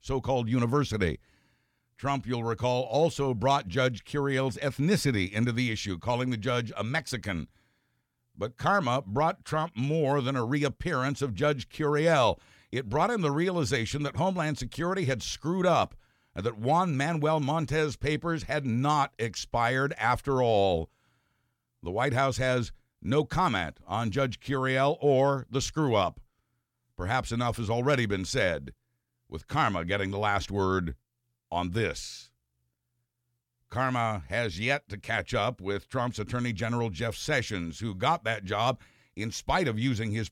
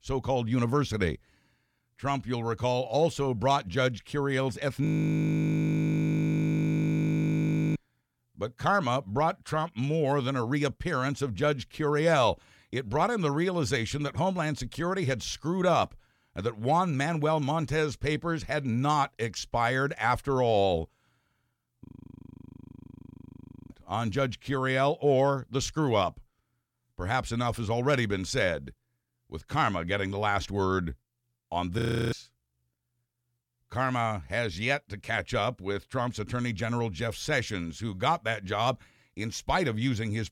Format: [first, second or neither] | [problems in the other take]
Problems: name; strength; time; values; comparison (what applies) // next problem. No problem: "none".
first | audio freezing; at 5 s for 3 s, at 22 s for 2 s and at 32 s